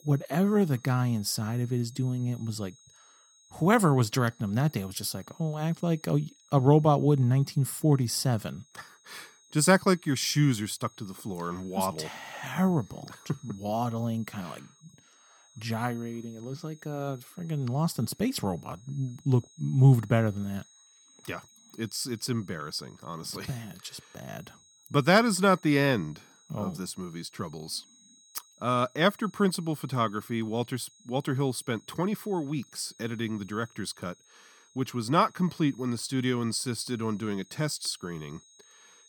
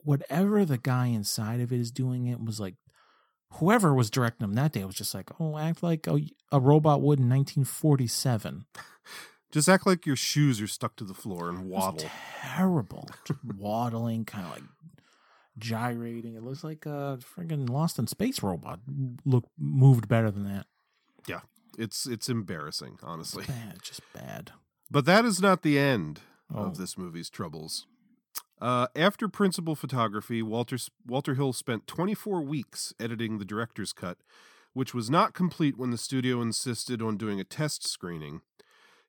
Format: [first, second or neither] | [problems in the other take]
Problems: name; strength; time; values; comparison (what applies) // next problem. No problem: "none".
second | high-pitched whine; faint; throughout; 6.5 kHz, 30 dB below the speech